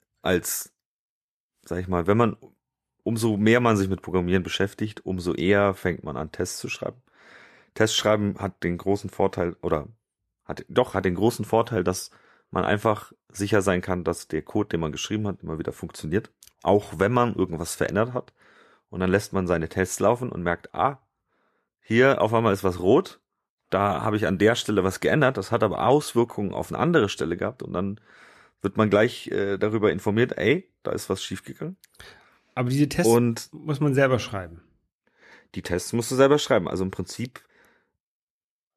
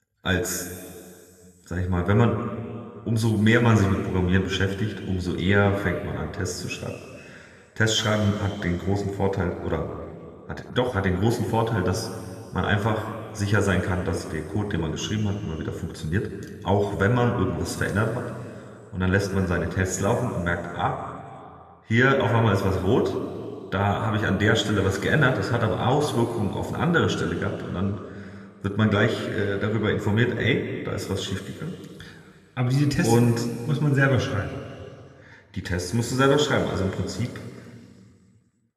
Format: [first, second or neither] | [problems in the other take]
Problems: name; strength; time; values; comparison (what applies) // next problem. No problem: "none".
first | room echo; noticeable; dies away in 2.3 s